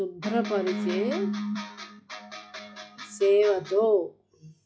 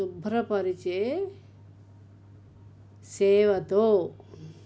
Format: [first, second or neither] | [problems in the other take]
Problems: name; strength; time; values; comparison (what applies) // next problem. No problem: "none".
second | noise reduction (classical method log-MMSE)